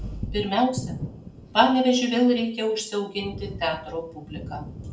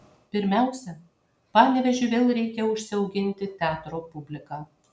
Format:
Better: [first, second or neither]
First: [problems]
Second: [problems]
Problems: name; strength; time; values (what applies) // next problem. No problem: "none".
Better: second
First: background sound (Thunder); 13 dB below the speech // room echo; dies away in 0.2 s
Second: none